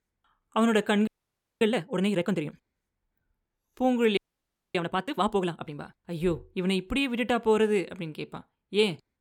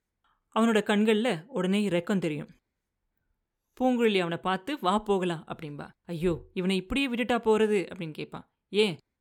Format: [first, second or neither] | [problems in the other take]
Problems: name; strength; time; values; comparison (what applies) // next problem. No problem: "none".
second | audio freezing; at 1 s for 0.5 s and at 4 s for 0.5 s